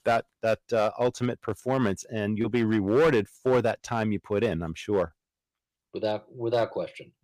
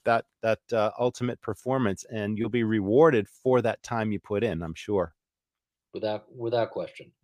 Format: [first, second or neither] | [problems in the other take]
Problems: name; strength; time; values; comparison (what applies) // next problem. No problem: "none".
second | distortion; slight; 3% of the sound clipped